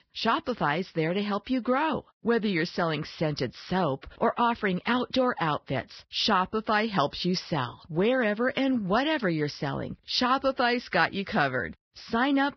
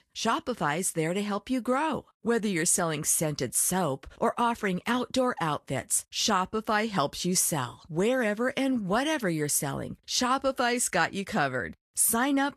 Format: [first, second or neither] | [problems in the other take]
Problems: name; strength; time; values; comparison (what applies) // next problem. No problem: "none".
second | garbled, watery; badly; nothing above 5.5 kHz; slightly in the second